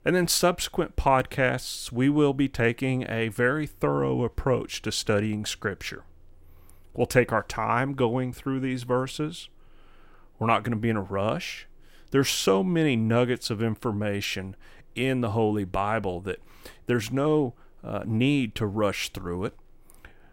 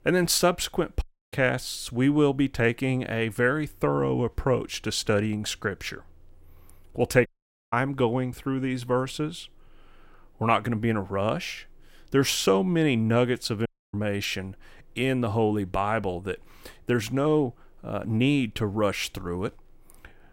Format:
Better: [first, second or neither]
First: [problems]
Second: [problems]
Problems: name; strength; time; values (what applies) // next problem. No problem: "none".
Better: first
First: none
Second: audio cutting out; at 1 s, at 7.5 s and at 14 s